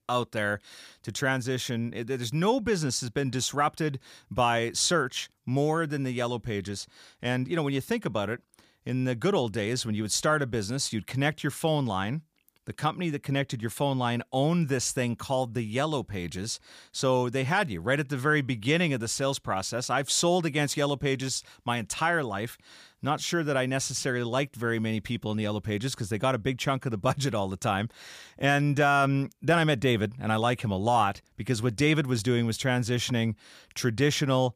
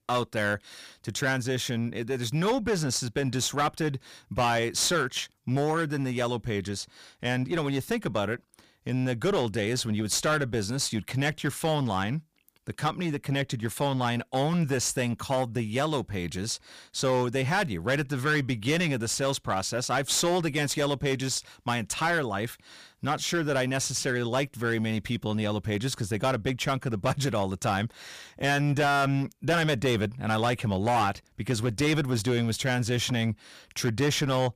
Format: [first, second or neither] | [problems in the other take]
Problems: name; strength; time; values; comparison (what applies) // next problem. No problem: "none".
first | distortion; slight; 10% of the sound clipped